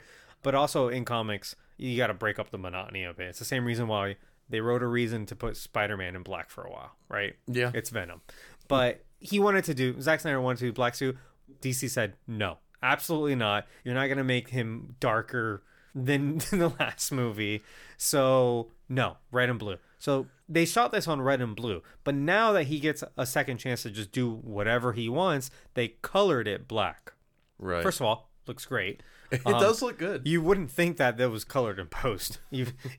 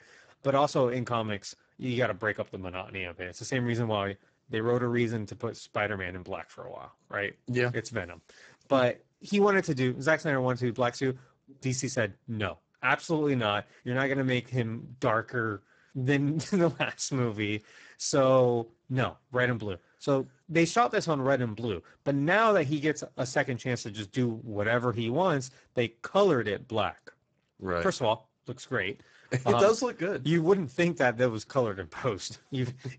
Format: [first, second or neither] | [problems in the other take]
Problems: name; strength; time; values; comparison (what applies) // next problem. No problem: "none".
first | garbled, watery; badly; nothing above 7.5 kHz